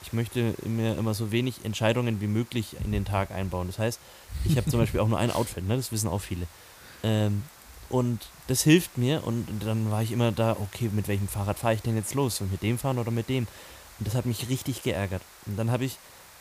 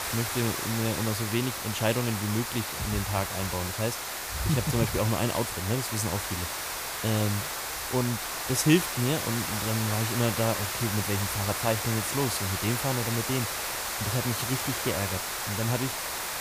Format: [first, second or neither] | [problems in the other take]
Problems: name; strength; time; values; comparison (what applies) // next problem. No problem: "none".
first | hiss; loud; throughout; 1 dB below the speech; faint in the first